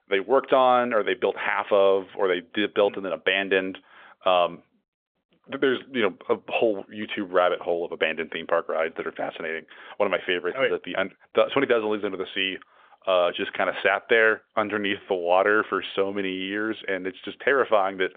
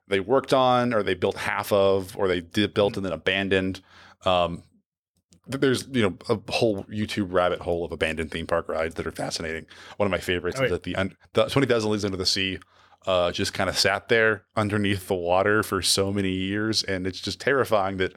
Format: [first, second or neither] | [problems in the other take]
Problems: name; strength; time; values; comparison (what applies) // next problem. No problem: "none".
second | phone-call audio; nothing above 3.5 kHz